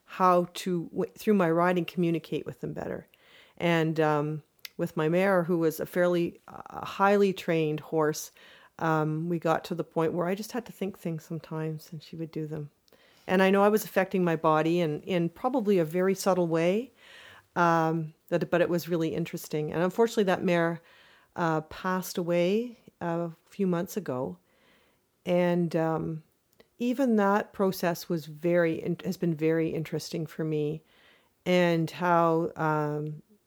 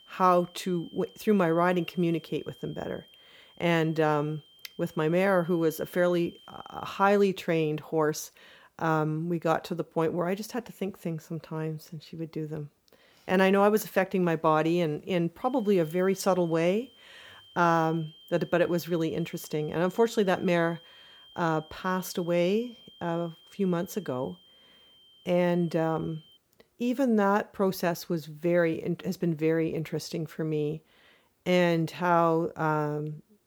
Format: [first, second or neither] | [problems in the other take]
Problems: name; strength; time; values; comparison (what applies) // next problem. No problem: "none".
first | high-pitched whine; faint; until 7 s and from 15 to 26 s; 3 kHz, 25 dB below the speech